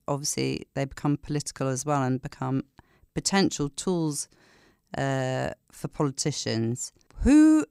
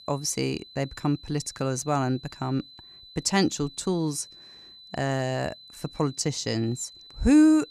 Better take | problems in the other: first | high-pitched whine; noticeable; throughout; 4 kHz, 20 dB below the speech

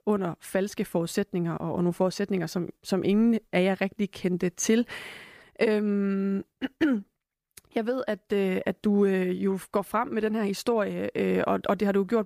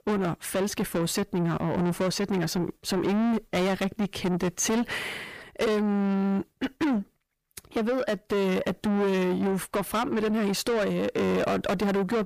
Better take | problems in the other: first | distortion; heavy; 7 dB below the speech

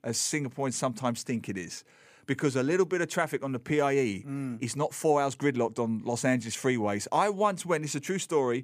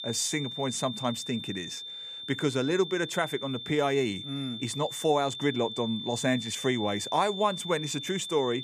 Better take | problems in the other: first | high-pitched whine; loud; throughout; 3.5 kHz, 7 dB below the speech

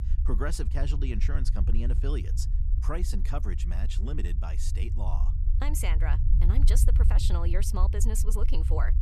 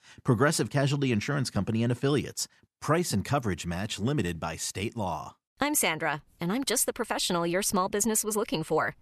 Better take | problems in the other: second | low rumble; loud; throughout; 8 dB below the speech

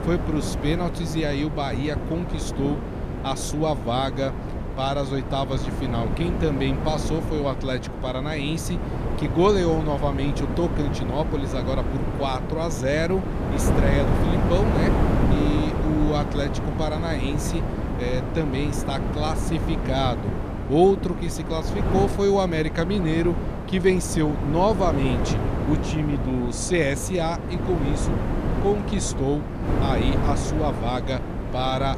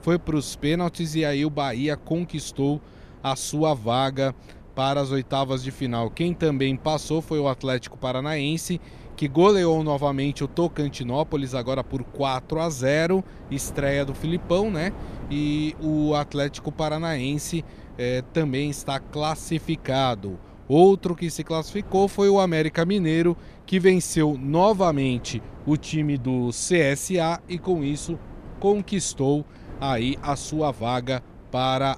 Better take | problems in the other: second | wind noise on the microphone; heavy; 5 dB below the speech; occasional gusts in the second

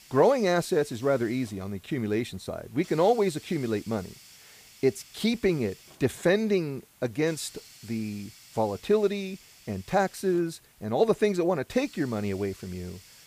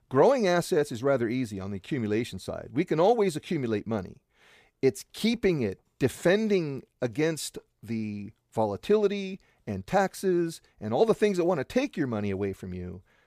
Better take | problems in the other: second | hiss; faint; throughout; 25 dB below the speech

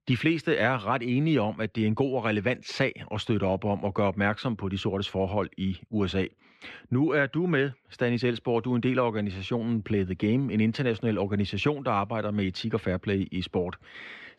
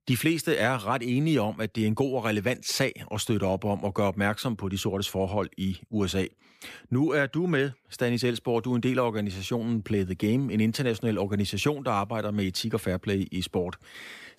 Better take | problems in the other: second | muffled; slightly; fading above 3 kHz

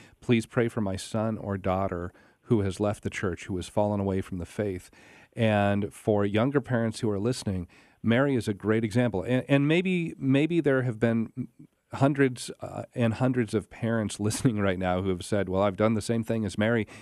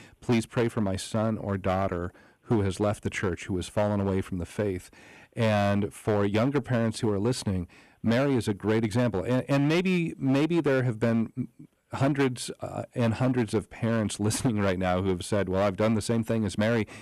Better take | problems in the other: first | distortion; slight; 8% of the sound clipped

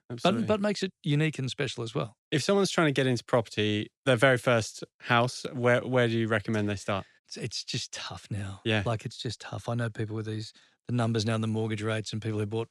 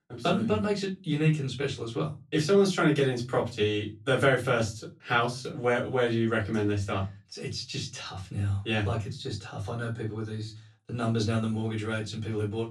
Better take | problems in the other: first | off-mic speech; far // room echo; very slight; dies away in 0.3 s

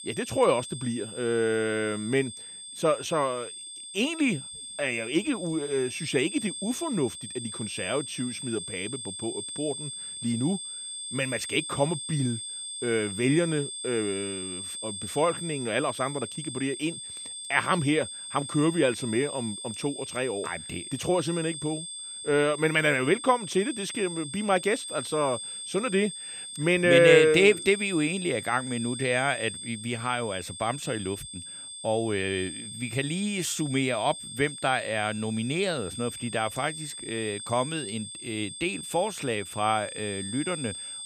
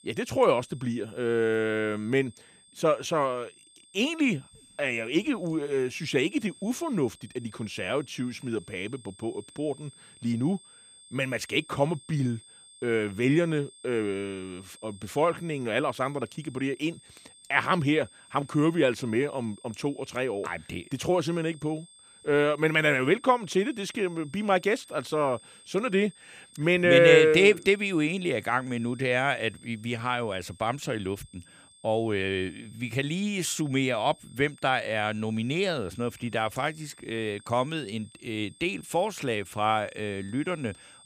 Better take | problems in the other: second | high-pitched whine; loud; throughout; 8.5 kHz, 8 dB below the speech; faint in the second

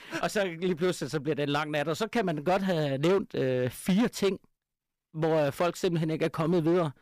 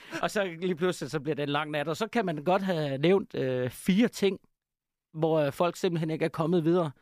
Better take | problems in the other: second | distortion; slight; 8% of the sound clipped

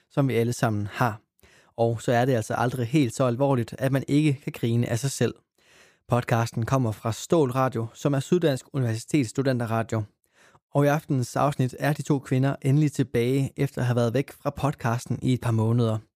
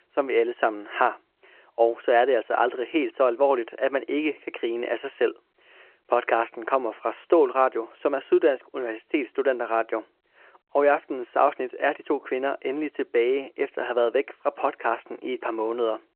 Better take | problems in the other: first | phone-call audio

